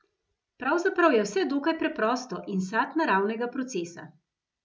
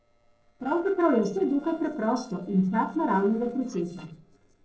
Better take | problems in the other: first | noise reduction (neural separator model SepFormer DNS4)

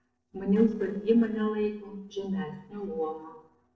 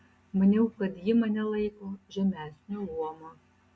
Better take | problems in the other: second | noise reduction (neural separator model SepFormer DNS4)

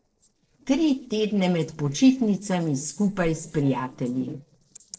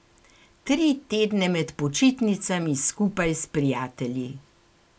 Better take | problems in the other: second | noise reduction (neural separator model SepFormer DNS4)

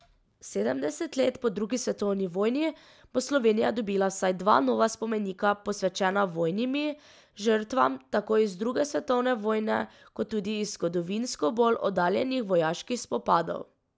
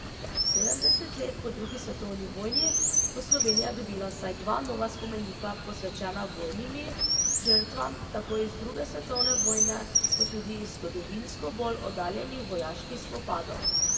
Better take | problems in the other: first | background sound (Chirp, tweet); 4 dB above the speech // room echo; dies away in 1.8 s

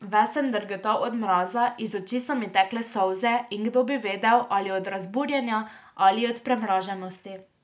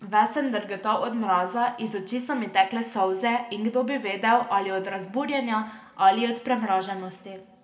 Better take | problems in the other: first | room echo; dies away in 1.9 s

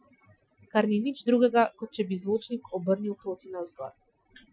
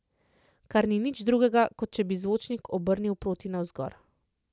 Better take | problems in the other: second | noise reduction (classical method Wiener filter)

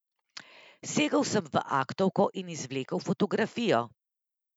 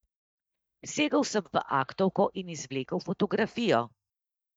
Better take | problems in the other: first | noise reduction (neural mask model DeepFilterNet 3)

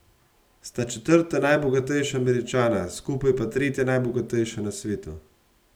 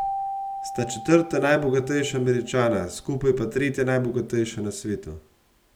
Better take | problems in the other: first | background sound (Keyboard (musical)); 12 dB below the speech

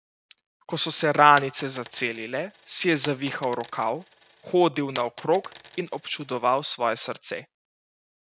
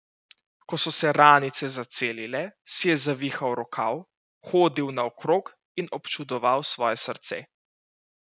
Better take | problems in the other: second | background sound (Coin (dropping)); 19 dB below the speech

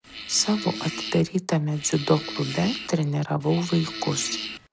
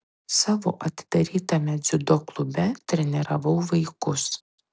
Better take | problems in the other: second | background sound (Fart); 10 dB below the speech

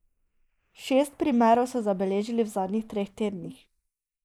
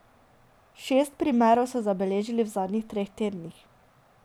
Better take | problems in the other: second | noise reduction (neural mask model Resemble Enhance denoiser)

